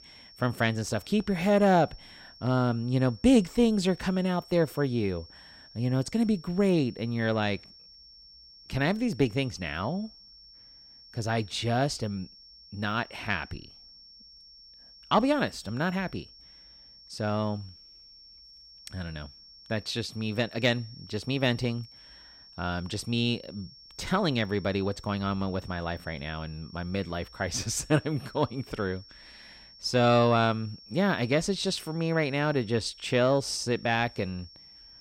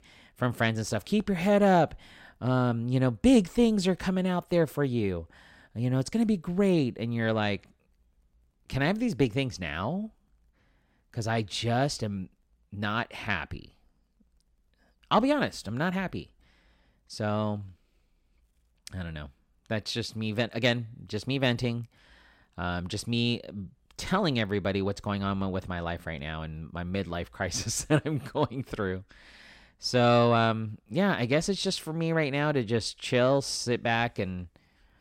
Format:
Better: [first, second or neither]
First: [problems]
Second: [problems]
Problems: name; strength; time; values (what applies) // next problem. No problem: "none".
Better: second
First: high-pitched whine; faint; throughout; 5.5 kHz, 20 dB below the speech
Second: none